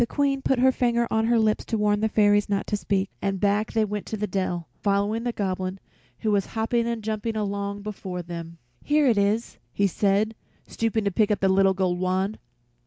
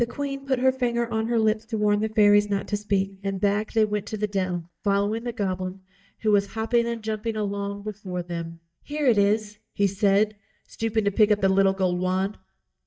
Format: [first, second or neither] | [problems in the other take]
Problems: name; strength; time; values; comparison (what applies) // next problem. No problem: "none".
first | noise reduction (neural mask model DeepFilterNet 3)